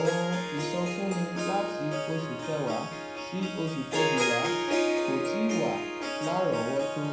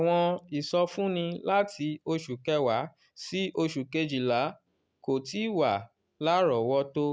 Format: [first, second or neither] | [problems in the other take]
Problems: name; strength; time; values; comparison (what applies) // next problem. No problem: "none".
second | background sound (Harp); 1 dB above the speech // room echo; dies away in 0.5 s